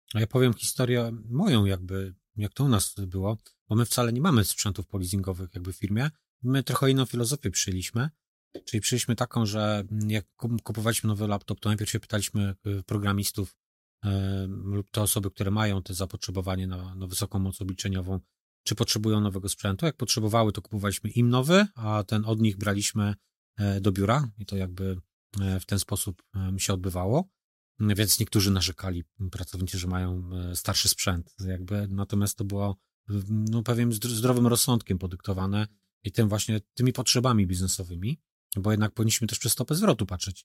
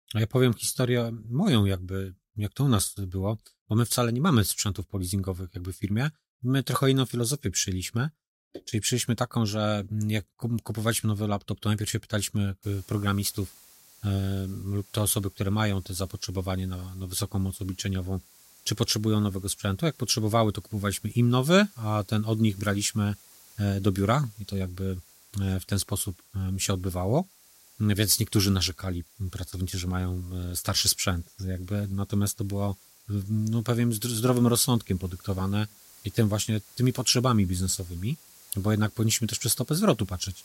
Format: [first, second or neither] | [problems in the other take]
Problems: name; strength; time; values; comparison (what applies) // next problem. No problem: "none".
first | hiss; faint; from 13 s on; 25 dB below the speech